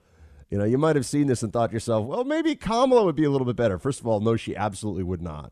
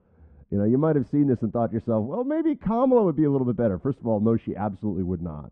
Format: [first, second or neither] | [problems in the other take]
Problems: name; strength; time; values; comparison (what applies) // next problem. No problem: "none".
first | muffled; very; fading above 1 kHz